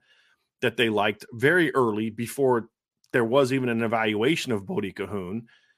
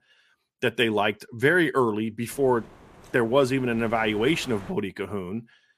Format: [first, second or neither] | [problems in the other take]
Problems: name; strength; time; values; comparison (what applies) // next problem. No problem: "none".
first | wind noise on the microphone; occasional gusts; from 2.5 to 4.5 s; 20 dB below the speech